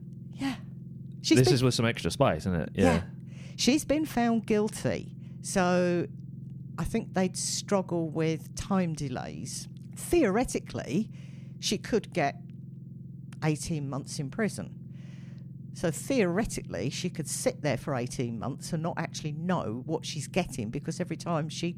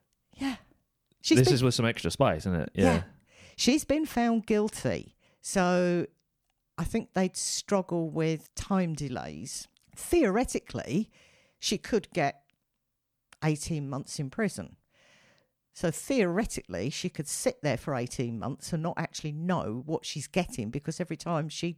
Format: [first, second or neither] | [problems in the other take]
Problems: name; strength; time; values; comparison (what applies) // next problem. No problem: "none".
second | low rumble; faint; throughout; 20 dB below the speech